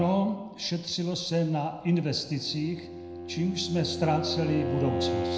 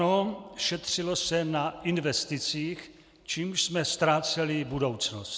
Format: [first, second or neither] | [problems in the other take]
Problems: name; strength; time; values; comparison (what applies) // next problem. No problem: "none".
second | background sound (Bowed string instrument); 6 dB below the speech // room echo; dies away in 0.7 s